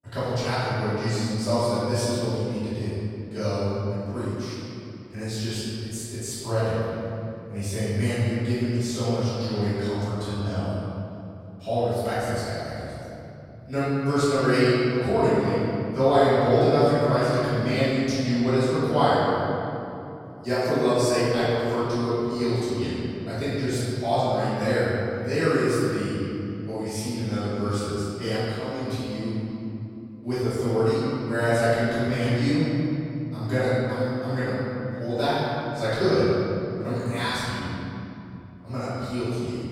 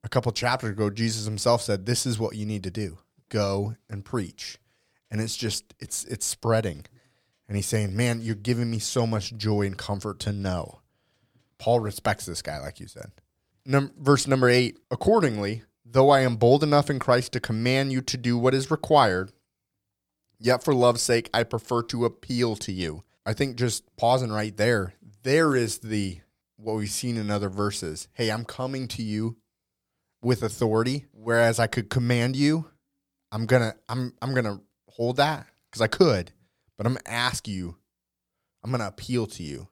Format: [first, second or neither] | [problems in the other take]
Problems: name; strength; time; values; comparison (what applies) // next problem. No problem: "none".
second | off-mic speech; far // room echo; strong; dies away in 2.8 s